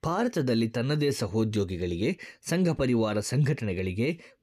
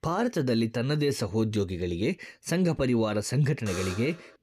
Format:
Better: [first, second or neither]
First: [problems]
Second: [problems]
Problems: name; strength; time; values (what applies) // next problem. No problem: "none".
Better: first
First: none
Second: alarm; noticeable; at 3.5 s; peak 8 dB below the speech